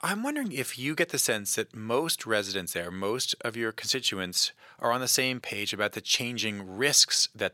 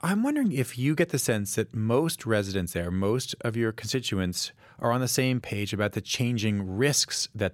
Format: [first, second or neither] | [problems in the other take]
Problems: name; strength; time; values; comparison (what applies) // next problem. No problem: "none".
second | thin; somewhat; fading below 750 Hz